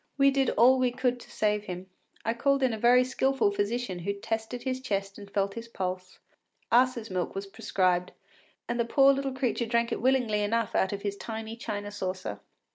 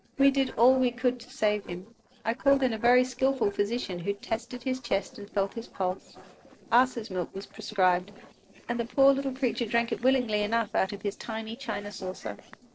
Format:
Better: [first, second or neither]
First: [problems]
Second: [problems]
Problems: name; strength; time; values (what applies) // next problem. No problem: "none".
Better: first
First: none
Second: noise reduction (neural separator model SepFormer DNS4)